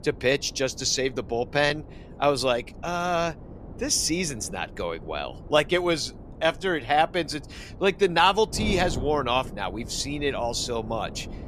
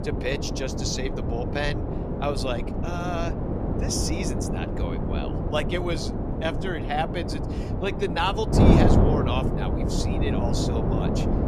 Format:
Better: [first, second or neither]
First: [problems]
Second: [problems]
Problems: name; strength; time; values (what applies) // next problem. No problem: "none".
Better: first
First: wind noise on the microphone; occasional gusts; 20 dB below the speech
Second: wind noise on the microphone; heavy; 1 dB below the speech